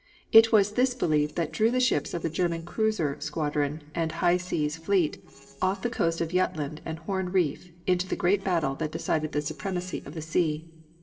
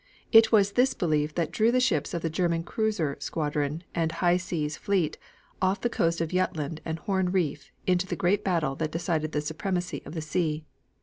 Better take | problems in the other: second | noise reduction (neural separator model SepFormer DNS4)

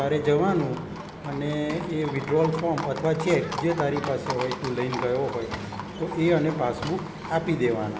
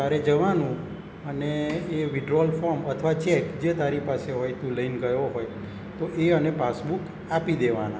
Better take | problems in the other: second | background sound (Livestock, farm animals, working animals); 11 dB below the speech

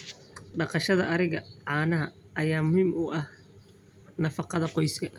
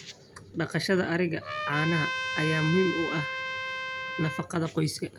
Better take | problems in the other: first | background sound (Trumpet); 4 dB below the speech

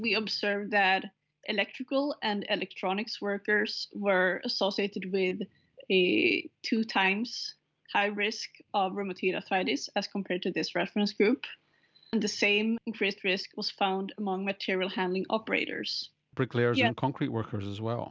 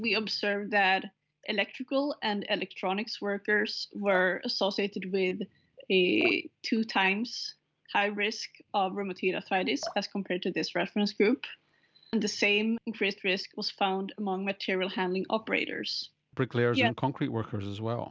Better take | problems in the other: first | background sound (Drip); 18 dB below the speech

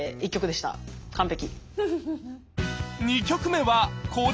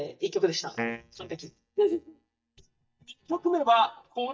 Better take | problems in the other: first | noise reduction (neural mask model DeepFilterNet 3)

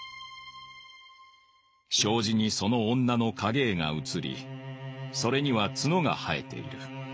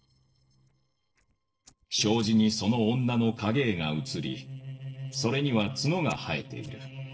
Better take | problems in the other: first | noise reduction (neural separator model SepFormer DNS4)

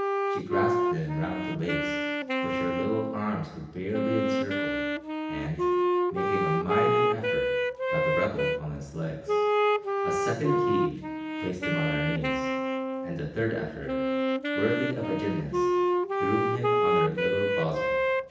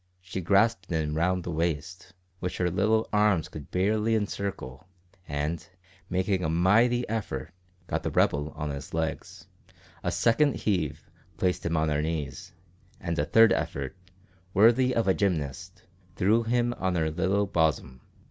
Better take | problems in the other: second | background sound (Wind instrument, woodwind instrument); 5 dB above the speech // room echo; dies away in 0.9 s

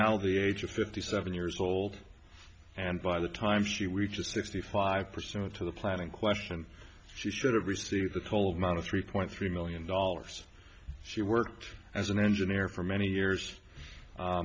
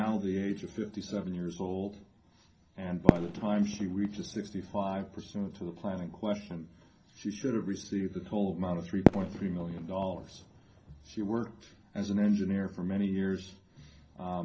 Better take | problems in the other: first | background sound (Fireworks); 3 dB below the speech // room echo; dies away in 0.3 s

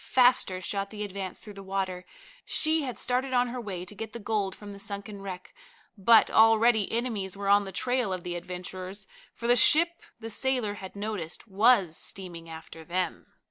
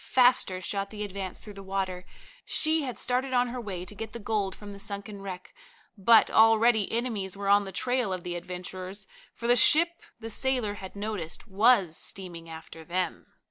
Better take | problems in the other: first | background sound (Wind); 11 dB below the speech

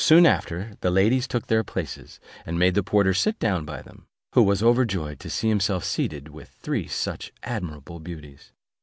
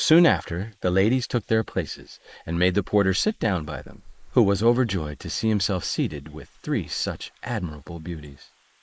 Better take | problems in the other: first | noise reduction (neural mask model Resemble Enhance denoiser)

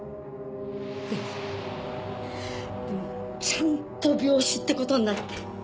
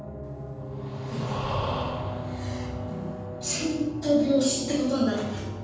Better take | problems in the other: first | background sound (Breathing); 8 dB below the speech // room echo; dies away in 1.2 s

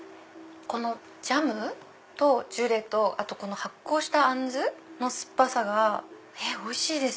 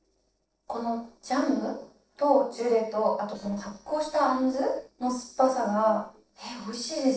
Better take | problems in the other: first | noise reduction (neural separator model SepFormer DNS4)

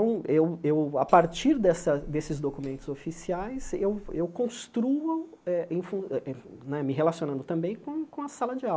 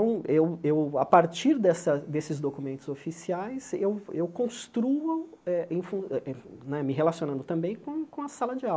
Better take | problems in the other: second | background sound (Hammer); 17 dB below the speech

